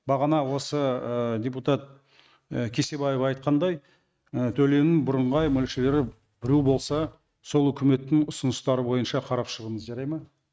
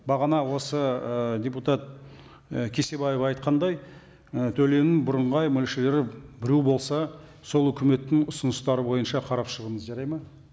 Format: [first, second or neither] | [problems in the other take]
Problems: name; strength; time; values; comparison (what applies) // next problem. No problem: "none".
second | noise reduction (neural mask model RNNoise)